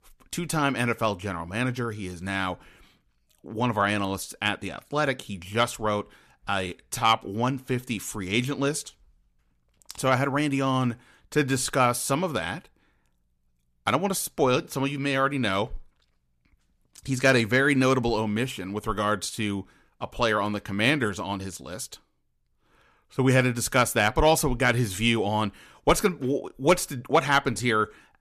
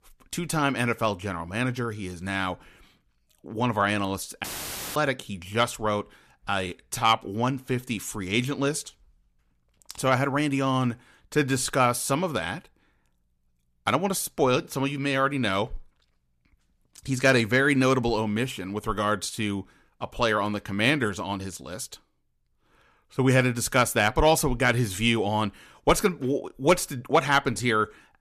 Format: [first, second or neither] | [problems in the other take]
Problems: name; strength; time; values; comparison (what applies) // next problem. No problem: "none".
first | audio cutting out; filled with static; at 4.5 s for 0.5 s